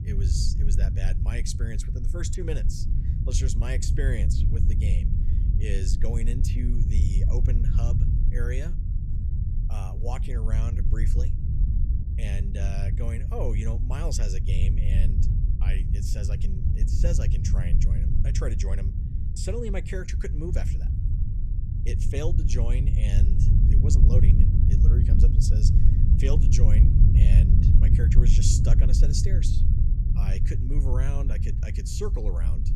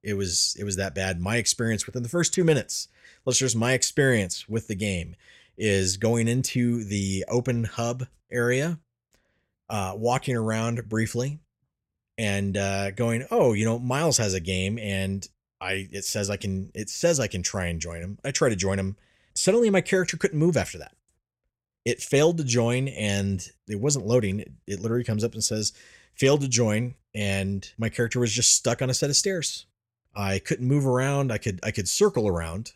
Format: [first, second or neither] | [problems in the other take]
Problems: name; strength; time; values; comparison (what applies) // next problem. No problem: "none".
second | low rumble; loud; throughout; 2 dB below the speech